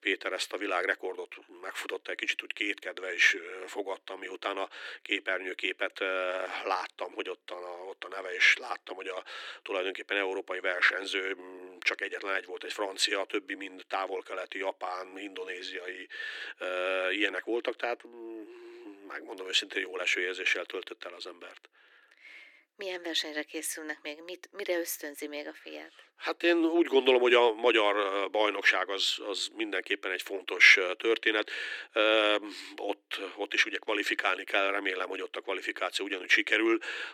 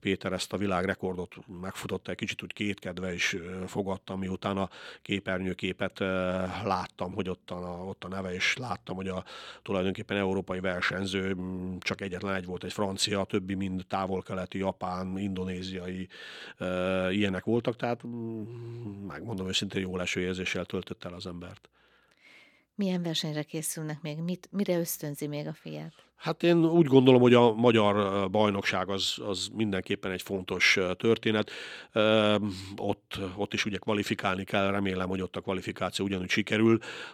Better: second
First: thin; very; fading below 300 Hz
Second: none

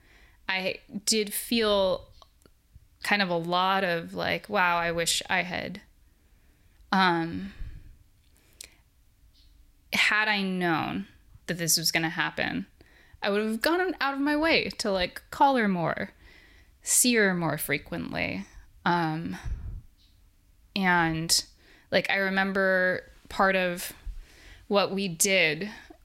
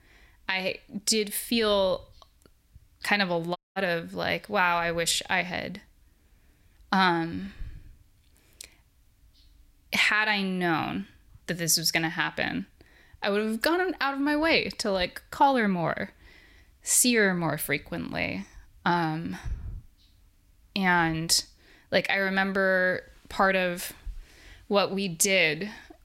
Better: first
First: none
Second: audio cutting out; at 3.5 s

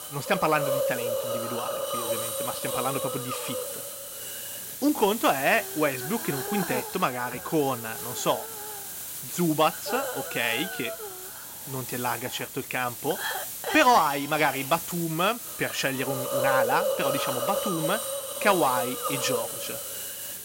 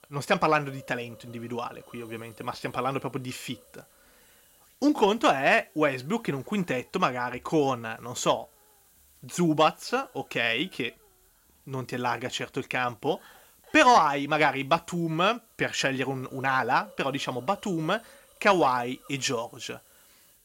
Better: second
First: hiss; loud; throughout; 4 dB below the speech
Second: hiss; faint; throughout; 30 dB below the speech

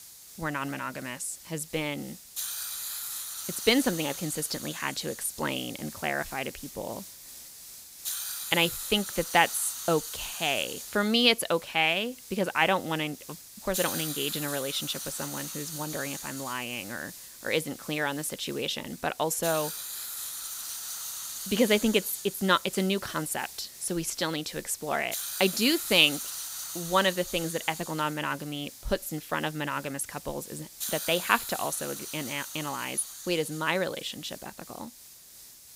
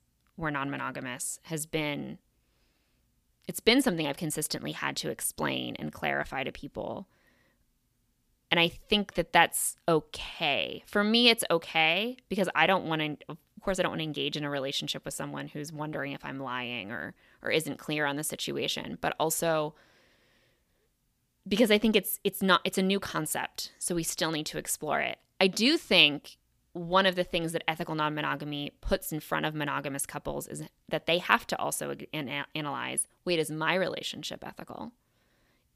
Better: second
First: hiss; loud; throughout; 8 dB below the speech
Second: none

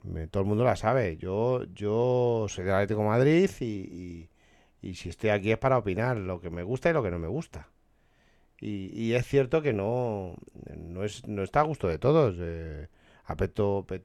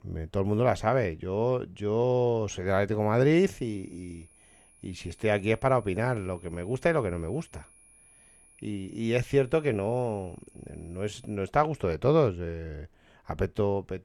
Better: first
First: none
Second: high-pitched whine; faint; from 3.5 to 11 s; 10.5 kHz, 30 dB below the speech

